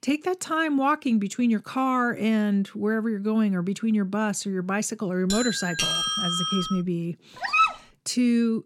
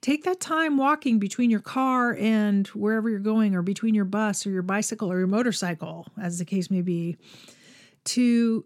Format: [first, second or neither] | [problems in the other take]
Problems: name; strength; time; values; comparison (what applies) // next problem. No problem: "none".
second | doorbell; loud; from 5.5 to 7 s; peak 3 dB above the speech // dog barking; loud; at 7.5 s; peak 4 dB above the speech